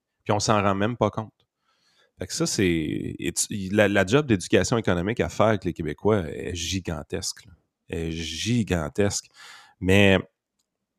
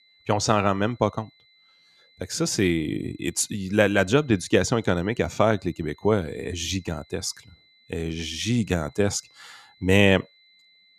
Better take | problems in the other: first | high-pitched whine; faint; throughout; 4 kHz, 30 dB below the speech

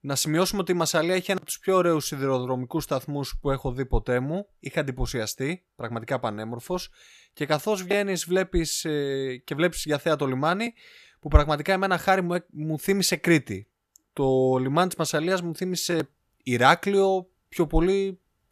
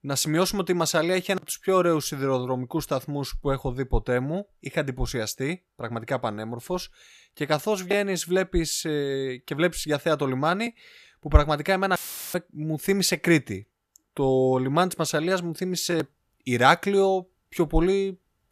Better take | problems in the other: first | audio cutting out; filled with static; at 12 s

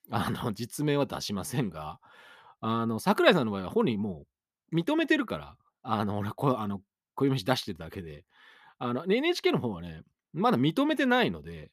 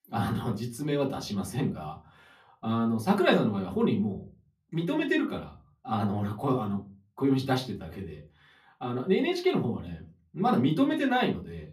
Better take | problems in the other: first | off-mic speech; far // room echo; very slight; dies away in 0.3 s

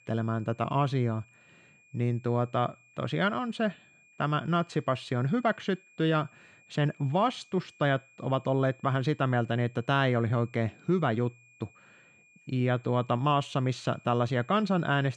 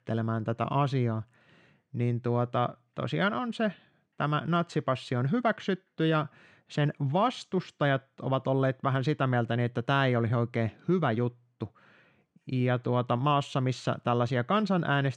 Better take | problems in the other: second | high-pitched whine; faint; throughout; 2.5 kHz, 30 dB below the speech

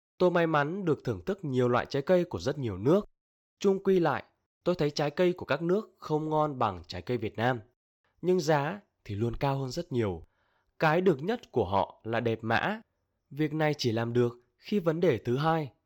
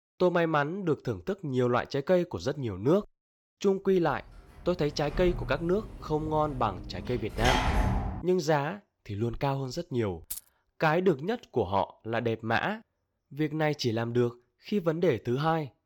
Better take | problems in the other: first | door banging; loud; from 4.5 to 8 s; peak 3 dB above the speech // jangling keys; noticeable; at 10 s; peak 10 dB below the speech

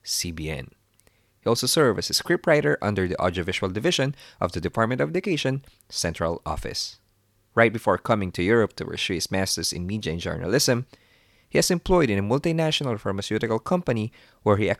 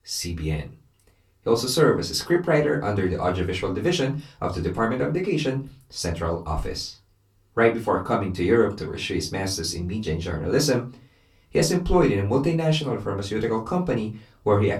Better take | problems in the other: first | off-mic speech; far // room echo; very slight; dies away in 0.3 s

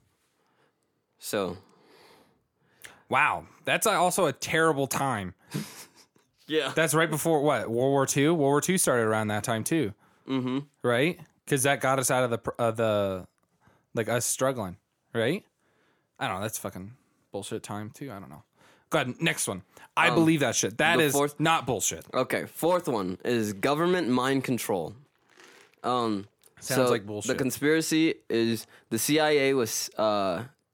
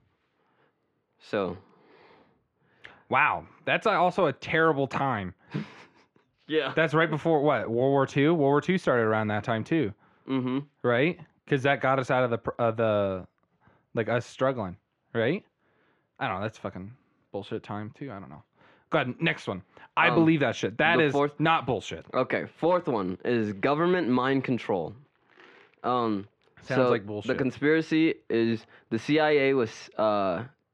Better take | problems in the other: first | muffled; very; fading above 3 kHz

